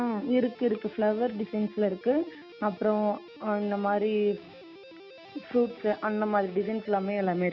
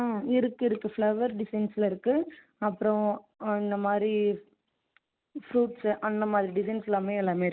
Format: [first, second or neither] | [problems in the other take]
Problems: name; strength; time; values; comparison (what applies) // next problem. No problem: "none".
second | background sound (Guitar); 19 dB below the speech